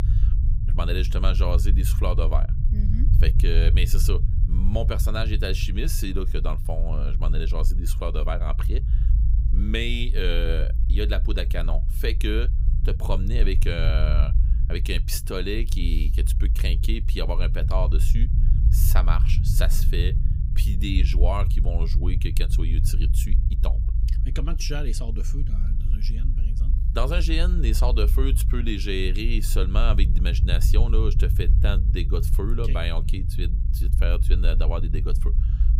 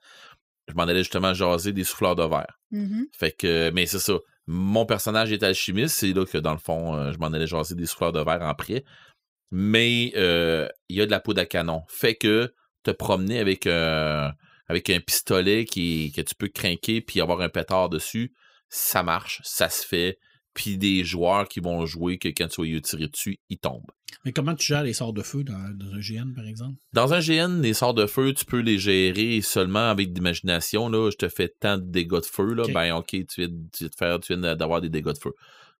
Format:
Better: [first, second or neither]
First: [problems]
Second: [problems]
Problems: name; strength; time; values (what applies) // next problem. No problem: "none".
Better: second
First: low rumble; noticeable; throughout; 10 dB below the speech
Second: none